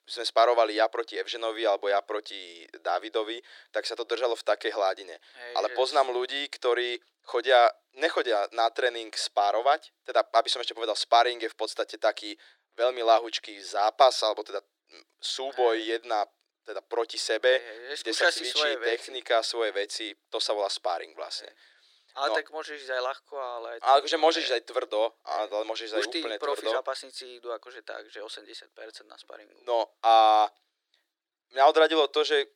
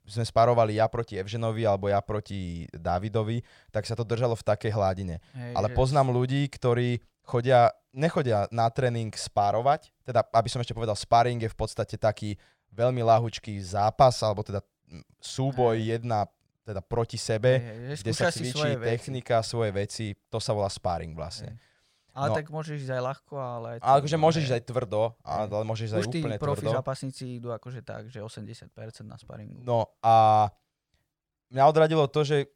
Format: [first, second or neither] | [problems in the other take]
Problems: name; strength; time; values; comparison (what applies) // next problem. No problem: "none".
second | thin; very; fading below 300 Hz